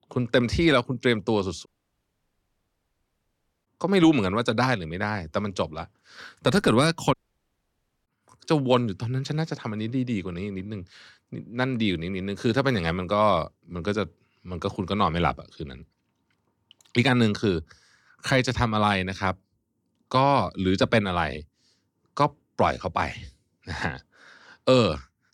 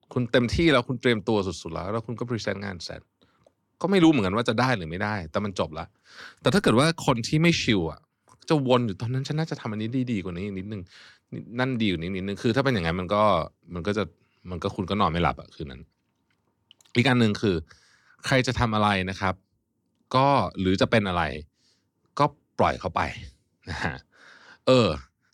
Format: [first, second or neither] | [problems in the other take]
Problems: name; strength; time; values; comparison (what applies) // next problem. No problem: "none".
second | audio cutting out; at 1.5 s for 2 s and at 7 s for 1 s